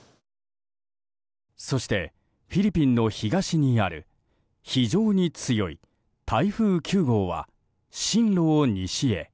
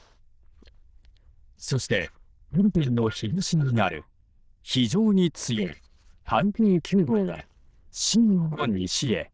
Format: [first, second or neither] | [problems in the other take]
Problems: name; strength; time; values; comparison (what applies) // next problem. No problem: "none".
first | noise reduction (neural diffusion model UNIVERSE++)